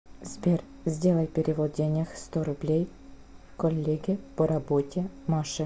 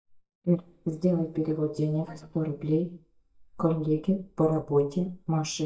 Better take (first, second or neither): first